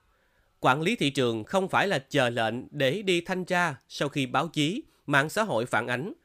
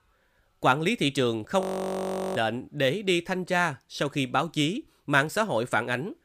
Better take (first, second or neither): first